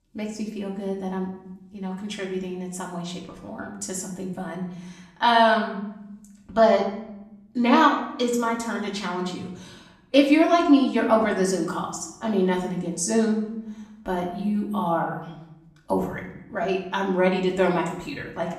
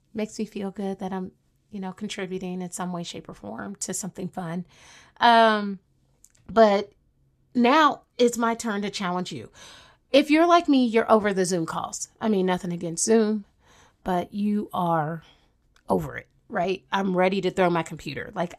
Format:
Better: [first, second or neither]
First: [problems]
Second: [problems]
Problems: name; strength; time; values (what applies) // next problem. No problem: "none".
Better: second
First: room echo; slight; dies away in 0.7 s // off-mic speech; far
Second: none